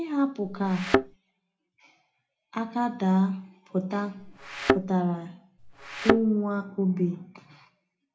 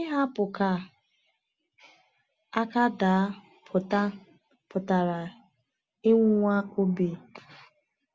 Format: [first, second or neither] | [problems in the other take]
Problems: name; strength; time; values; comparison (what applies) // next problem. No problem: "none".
second | background sound (Thump, thud); 1 dB above the speech // room echo; dies away in 0.3 s